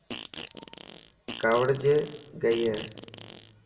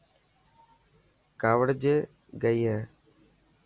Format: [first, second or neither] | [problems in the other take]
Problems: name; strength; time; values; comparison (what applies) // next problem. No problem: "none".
second | background sound (Fart); 14 dB below the speech // room echo; dies away in 1.1 s